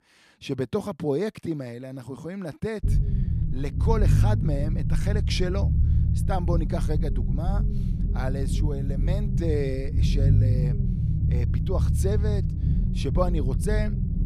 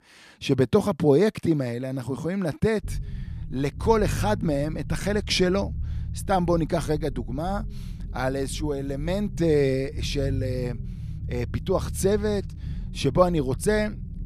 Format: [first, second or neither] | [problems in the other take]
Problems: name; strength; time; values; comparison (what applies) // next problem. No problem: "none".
second | low rumble; loud; from 3 s on; 5 dB below the speech; faint in the second